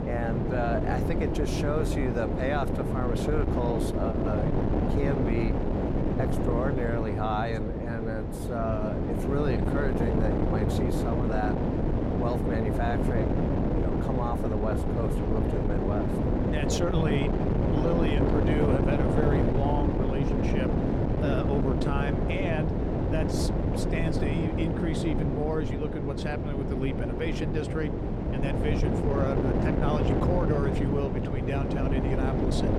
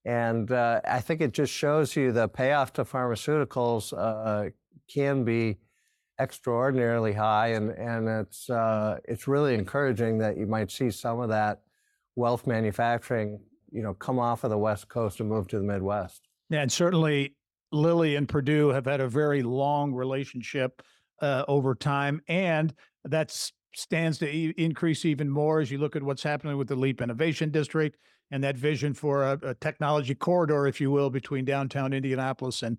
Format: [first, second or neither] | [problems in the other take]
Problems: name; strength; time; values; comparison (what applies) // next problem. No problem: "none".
second | wind noise on the microphone; heavy; 1 dB above the speech